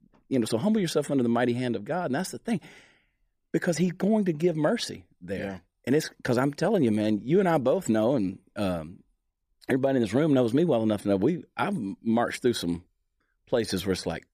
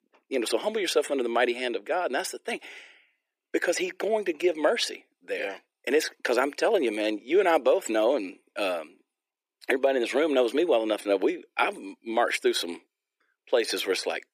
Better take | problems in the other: first | thin; somewhat; fading below 350 Hz

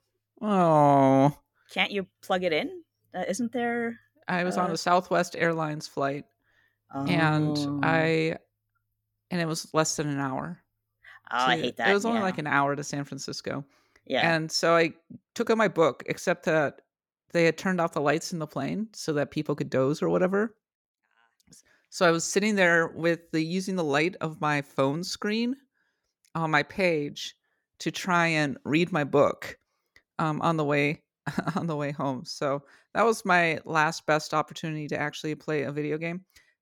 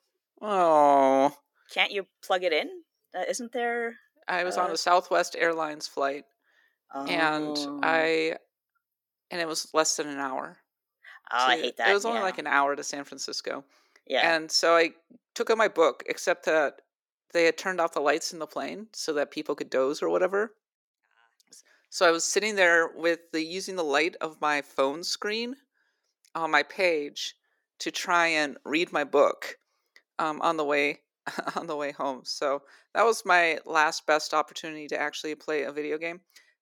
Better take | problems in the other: first | thin; somewhat; fading below 350 Hz

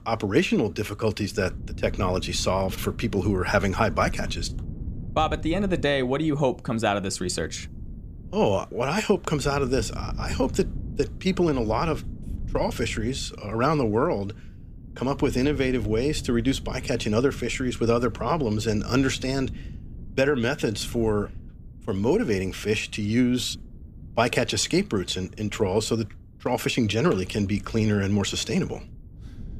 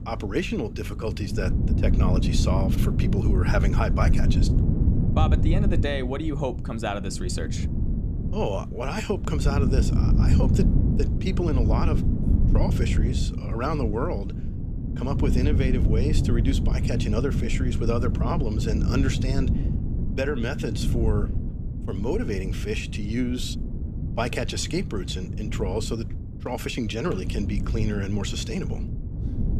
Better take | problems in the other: first | low rumble; loud; throughout; 5 dB below the speech; faint in the first

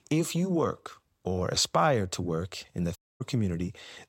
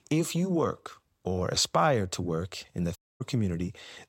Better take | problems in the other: neither | audio cutting out; at 3 s; the same in both

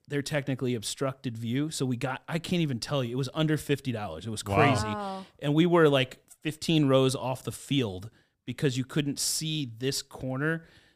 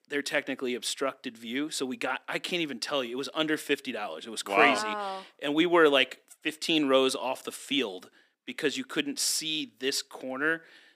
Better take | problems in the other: first | thin; somewhat; fading below 250 Hz

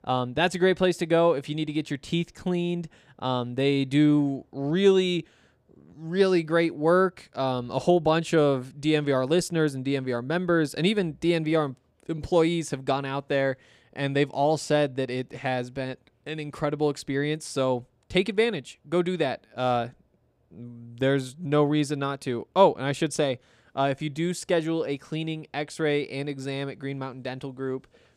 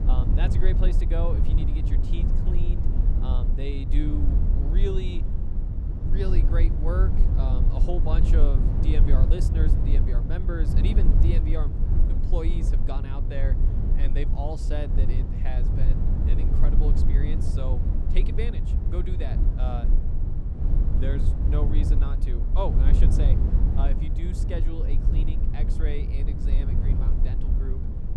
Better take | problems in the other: first | low rumble; loud; throughout; 2 dB below the speech

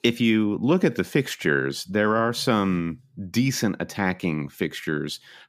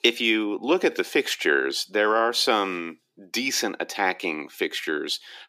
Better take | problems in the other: first | thin; somewhat; fading below 350 Hz

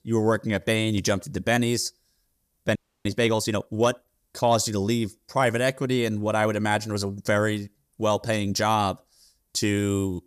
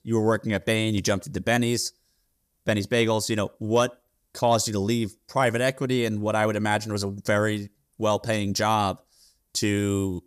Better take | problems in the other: second | audio freezing; at 3 s

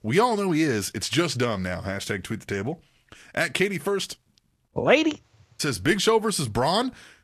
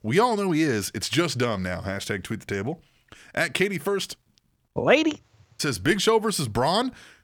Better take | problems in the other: second | garbled, watery; slightly; nothing above 13 kHz

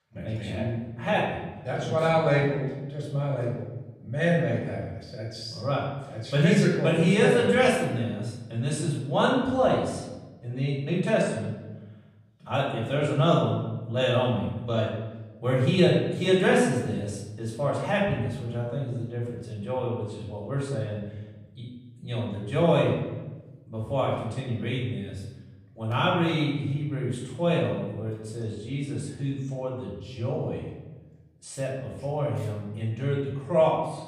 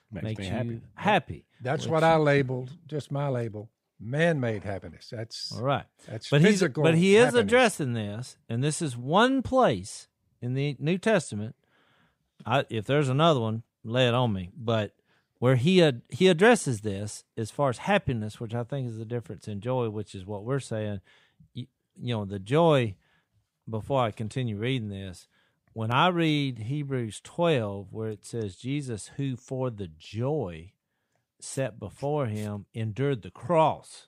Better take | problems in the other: second | room echo; noticeable; dies away in 1 s // off-mic speech; far

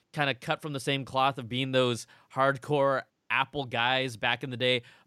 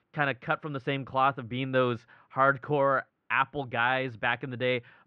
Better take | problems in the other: first | muffled; very; fading above 2.5 kHz

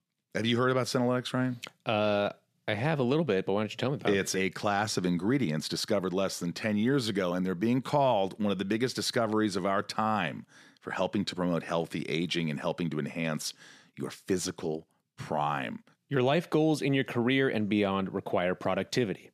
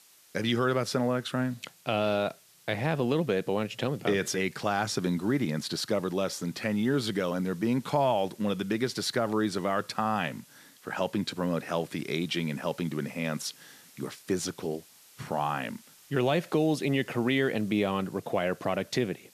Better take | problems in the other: first | hiss; faint; throughout; 25 dB below the speech

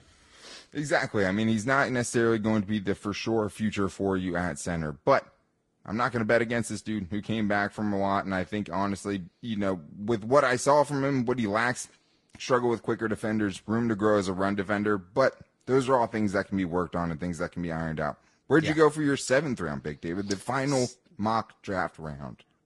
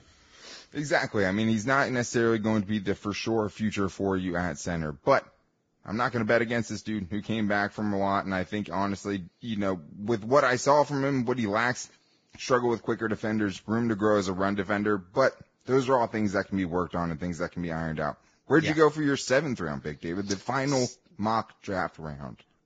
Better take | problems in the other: first | garbled, watery; badly; nothing above 7.5 kHz; slightly in the first

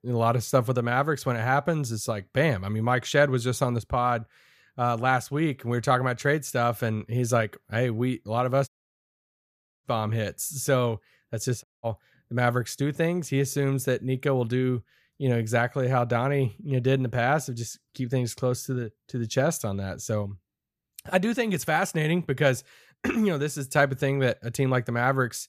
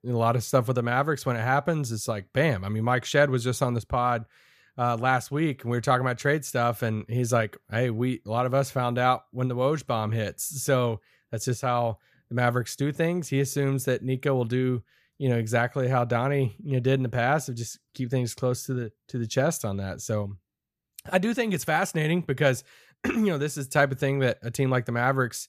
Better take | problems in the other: second | audio cutting out; at 8.5 s for 1 s and at 12 s

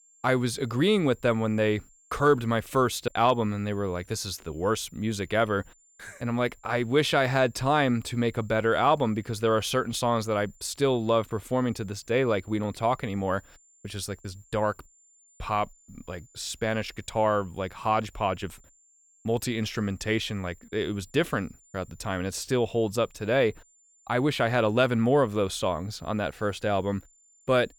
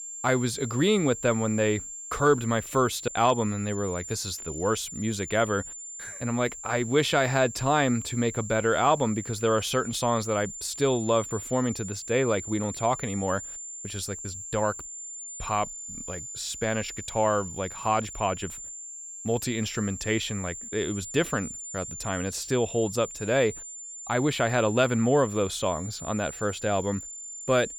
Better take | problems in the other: first | high-pitched whine; loud; throughout; 7 kHz, 10 dB below the speech; faint in the first

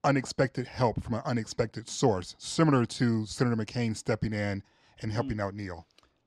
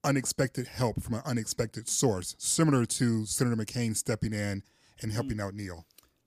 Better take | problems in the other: second | muffled; slightly; fading above 4 kHz

